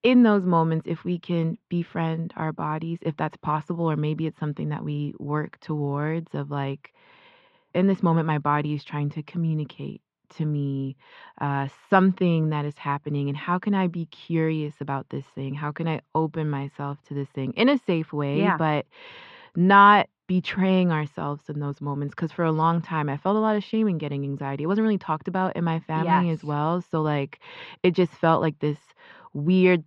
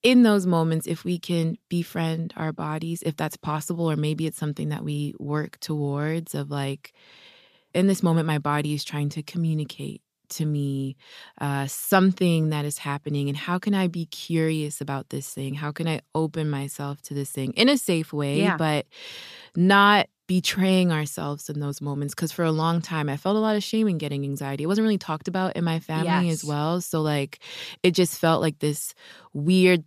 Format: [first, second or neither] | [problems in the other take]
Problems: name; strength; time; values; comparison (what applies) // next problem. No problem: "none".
second | muffled; very; fading above 2.5 kHz